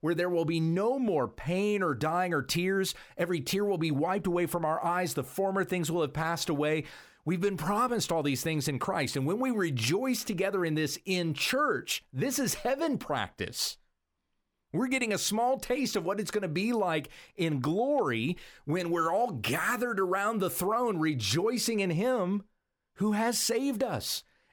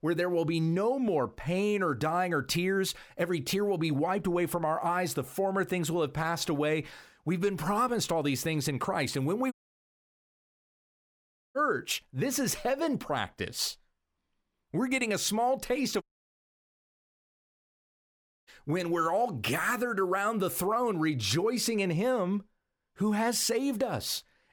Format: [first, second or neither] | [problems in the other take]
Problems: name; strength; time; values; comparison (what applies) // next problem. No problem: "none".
first | audio cutting out; at 9.5 s for 2 s and at 16 s for 2.5 s